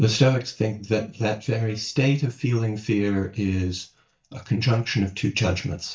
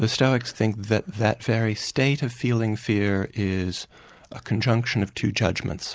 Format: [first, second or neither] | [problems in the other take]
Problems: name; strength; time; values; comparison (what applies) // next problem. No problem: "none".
second | noise reduction (neural mask model DeepFilterNet 3)